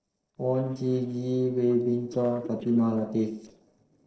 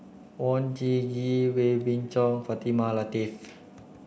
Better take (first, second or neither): second